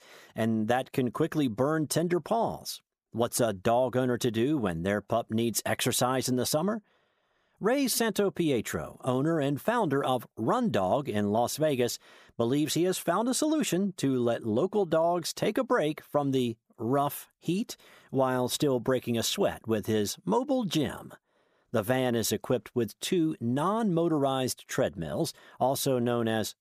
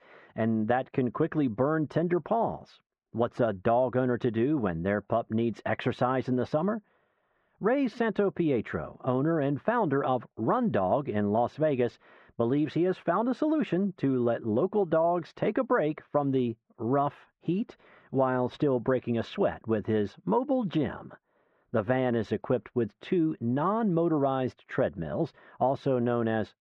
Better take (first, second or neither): first